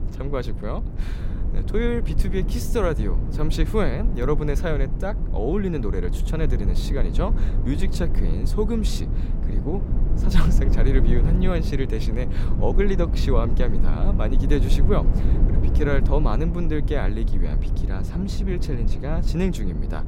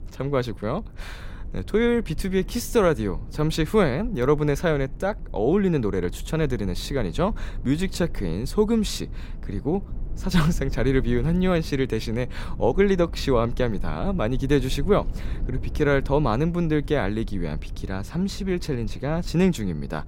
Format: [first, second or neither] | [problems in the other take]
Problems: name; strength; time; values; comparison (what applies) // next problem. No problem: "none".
second | low rumble; loud; throughout; 8 dB below the speech; faint in the second